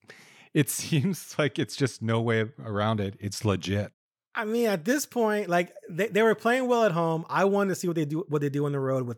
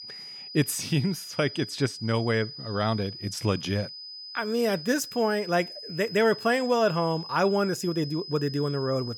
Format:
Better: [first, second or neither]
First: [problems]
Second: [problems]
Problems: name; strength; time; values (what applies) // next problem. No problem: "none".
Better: first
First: none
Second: high-pitched whine; noticeable; throughout; 5 kHz, 10 dB below the speech